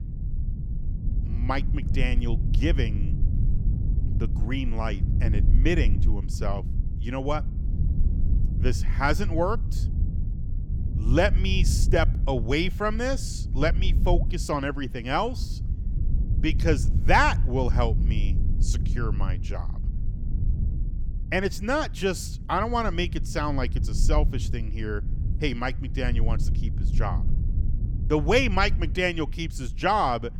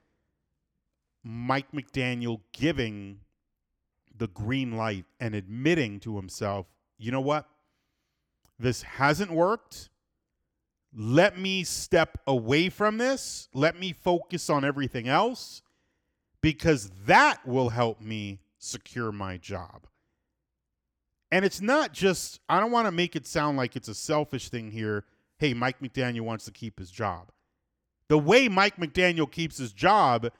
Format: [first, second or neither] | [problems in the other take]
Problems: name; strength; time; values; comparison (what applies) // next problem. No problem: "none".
second | low rumble; noticeable; throughout; 15 dB below the speech